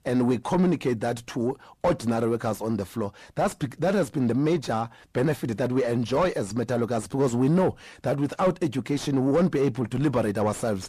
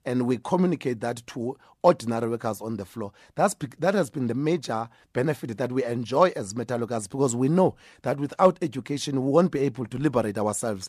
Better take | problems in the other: second | distortion; heavy; 7 dB below the speech

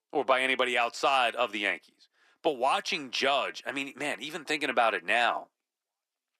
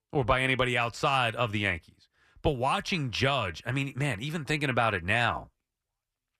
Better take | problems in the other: second | thin; somewhat; fading below 250 Hz

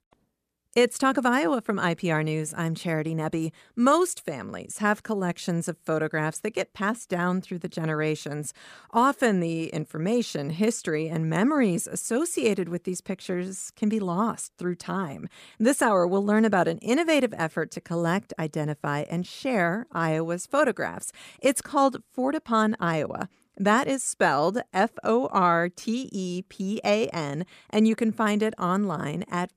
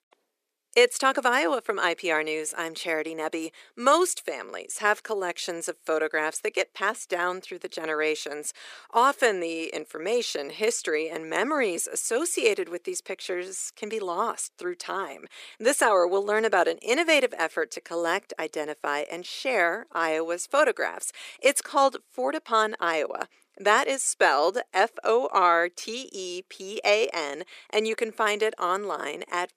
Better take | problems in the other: first | thin; very; fading below 400 Hz

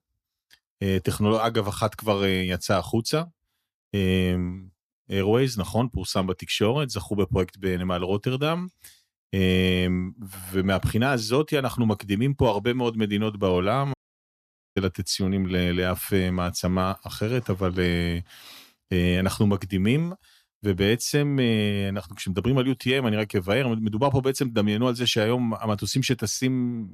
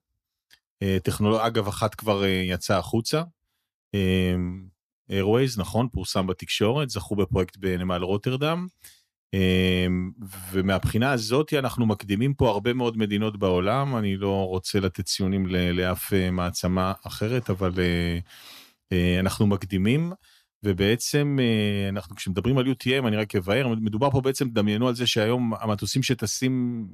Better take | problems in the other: second | audio cutting out; at 14 s for 1 s

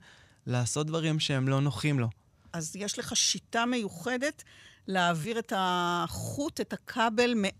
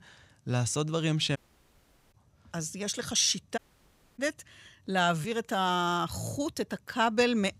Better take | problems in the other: first | audio cutting out; at 1.5 s for 1 s and at 3.5 s for 0.5 s

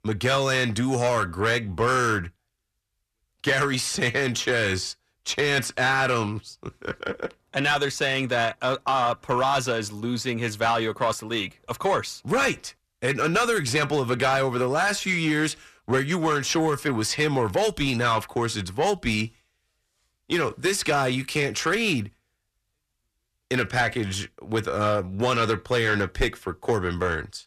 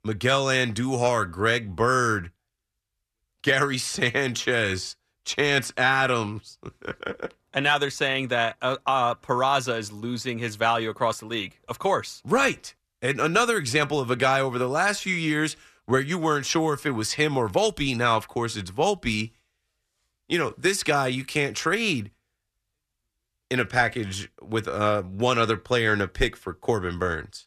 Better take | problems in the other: second | distortion; slight; 10 dB below the speech

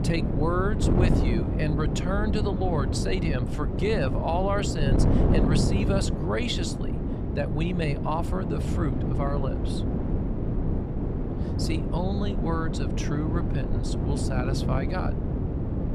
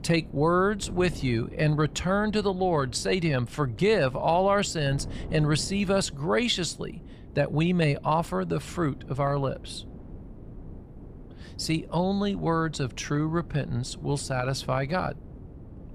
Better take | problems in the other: second | wind noise on the microphone; heavy; 3 dB below the speech; occasional gusts in the second

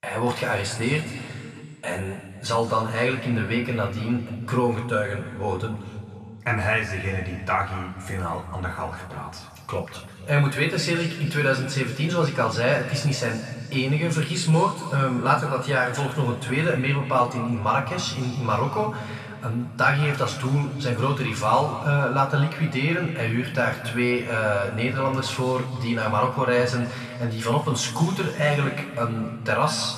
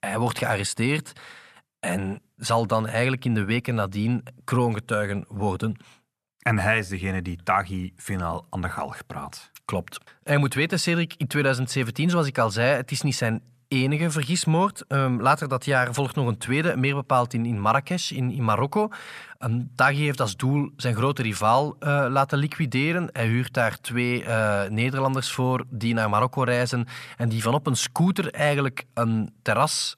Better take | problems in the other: second | room echo; noticeable; dies away in 2.1 s // off-mic speech; far

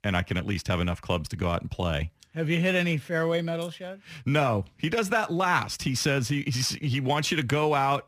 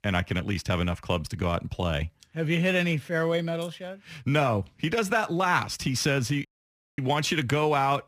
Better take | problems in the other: first | audio cutting out; at 6.5 s for 0.5 s

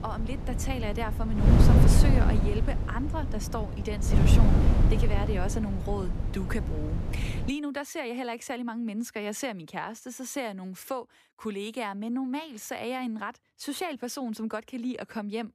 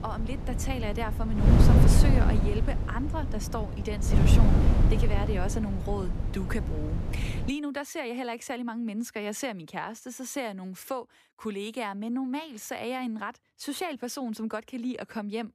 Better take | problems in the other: neither | wind noise on the microphone; heavy; until 7.5 s; 1 dB below the speech; the same in both

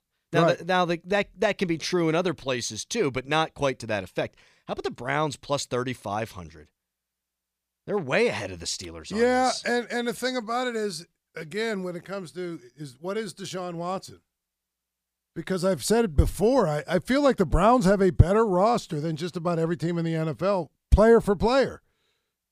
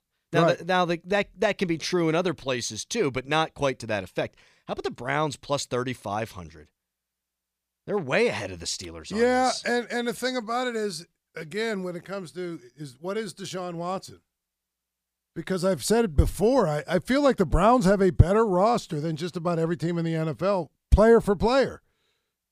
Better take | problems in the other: neither | none

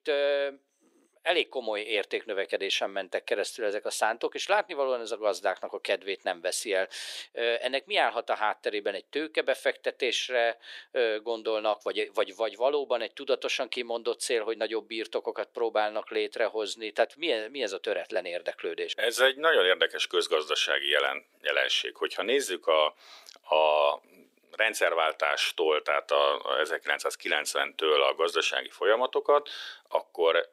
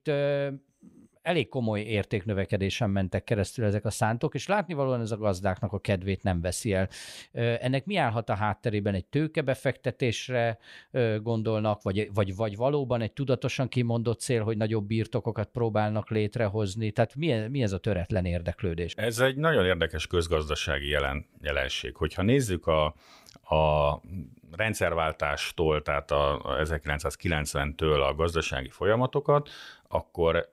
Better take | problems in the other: second | thin; very; fading below 350 Hz

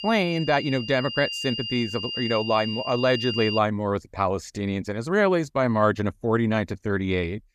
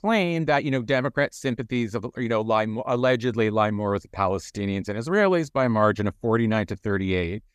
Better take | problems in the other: second | high-pitched whine; loud; until 3.5 s; 3 kHz, 6 dB below the speech

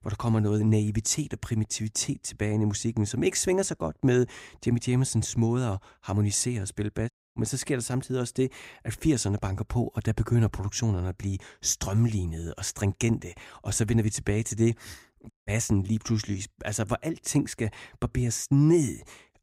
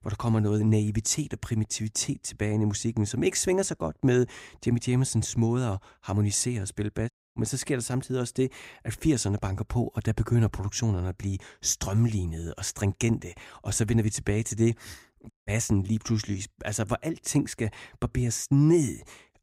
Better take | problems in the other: neither | audio cutting out; at 7 s and at 15 s; the same in both

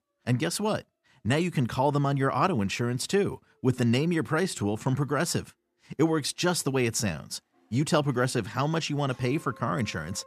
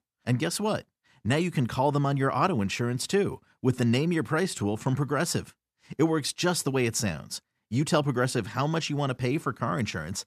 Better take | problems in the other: second | background music; faint; throughout; 30 dB below the speech

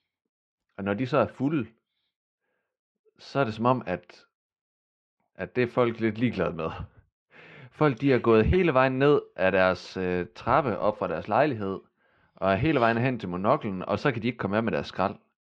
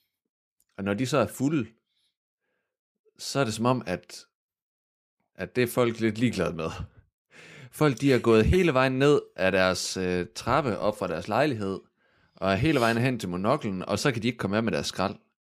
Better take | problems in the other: second | muffled; slightly; fading above 3.5 kHz

